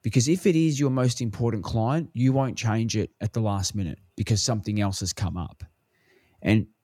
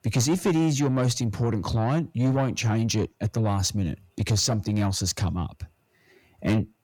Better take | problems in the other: first | distortion; slight; 10 dB below the speech

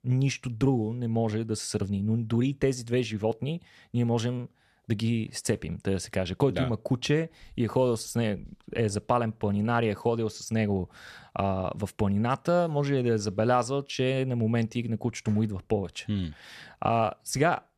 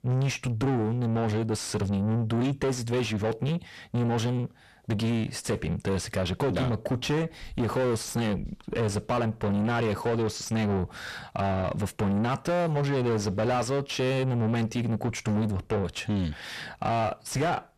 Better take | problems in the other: first | distortion; heavy; 7 dB below the speech

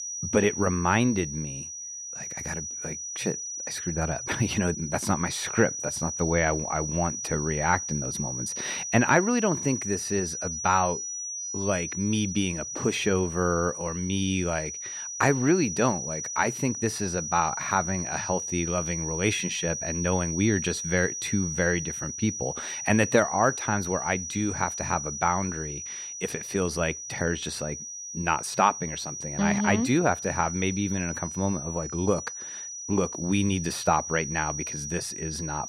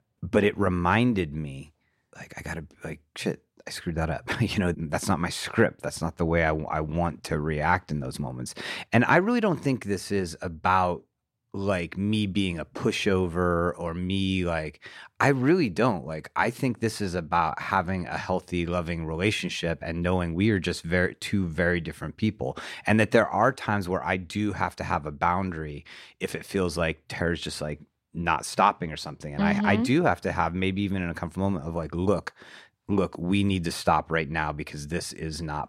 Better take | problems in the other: second | high-pitched whine; loud; throughout; 6 kHz, 5 dB below the speech

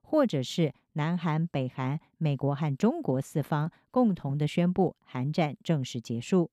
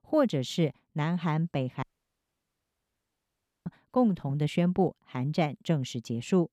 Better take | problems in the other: first | audio cutting out; at 2 s for 2 s

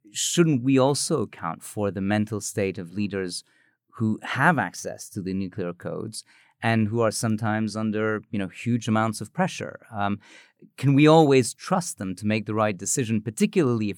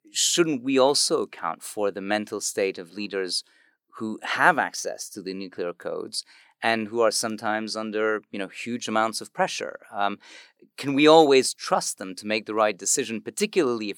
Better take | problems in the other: first | thin; somewhat; fading below 400 Hz

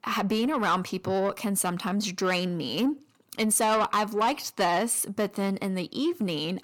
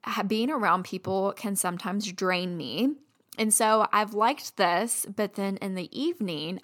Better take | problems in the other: second | distortion; slight; 10 dB below the speech

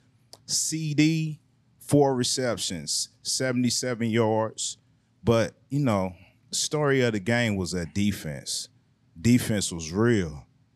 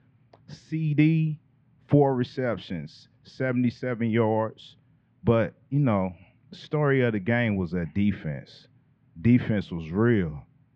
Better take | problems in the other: first | muffled; very; fading above 2.5 kHz

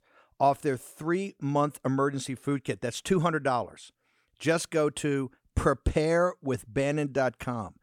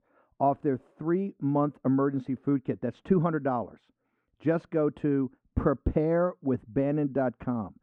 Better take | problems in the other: first | muffled; very; fading above 1 kHz

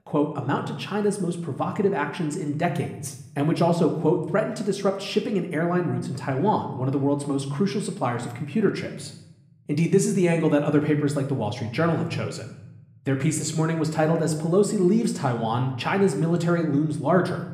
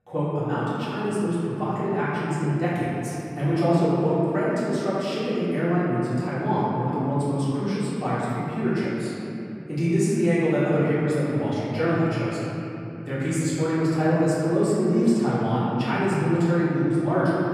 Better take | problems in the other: first | room echo; strong; dies away in 3 s; slight in the first // off-mic speech; far

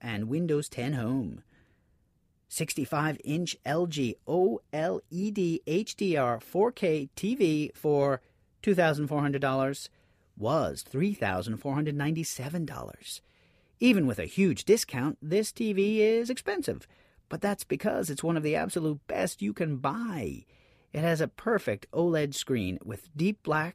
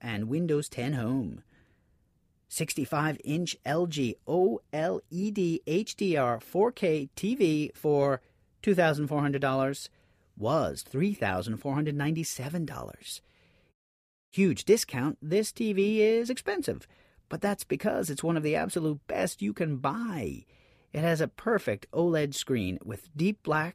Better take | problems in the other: first | audio cutting out; at 14 s for 0.5 s

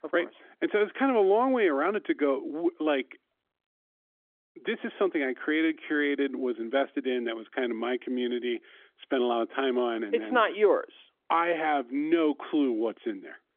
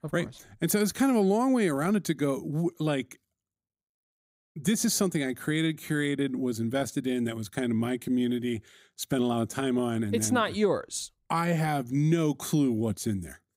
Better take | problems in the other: second | phone-call audio; nothing above 3.5 kHz

